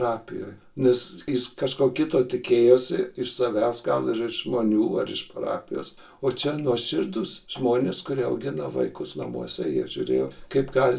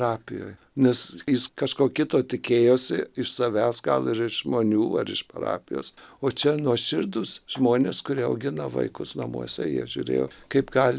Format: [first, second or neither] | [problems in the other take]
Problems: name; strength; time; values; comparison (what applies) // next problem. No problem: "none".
second | room echo; dies away in 0.2 s